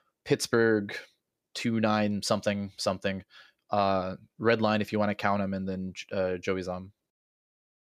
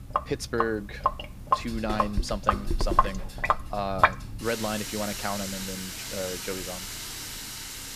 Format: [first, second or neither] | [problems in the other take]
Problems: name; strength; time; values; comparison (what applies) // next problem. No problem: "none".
first | household noises; very loud; throughout; 3 dB above the speech